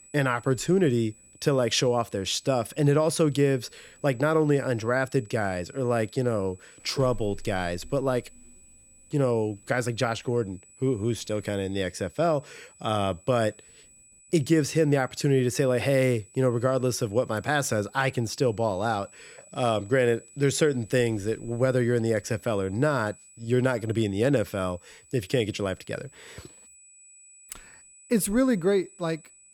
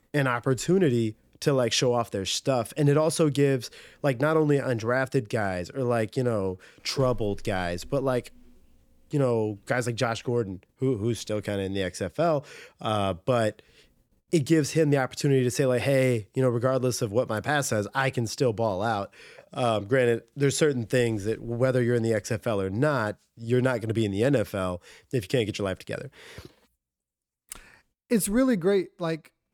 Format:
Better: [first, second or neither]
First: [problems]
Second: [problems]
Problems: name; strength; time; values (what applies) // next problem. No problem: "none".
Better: second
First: high-pitched whine; faint; throughout; 8 kHz, 25 dB below the speech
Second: none